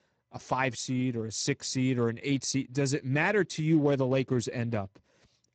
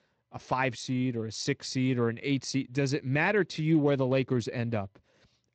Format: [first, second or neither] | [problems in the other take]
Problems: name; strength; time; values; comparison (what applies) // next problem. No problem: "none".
second | garbled, watery; badly; nothing above 8 kHz; slightly in the second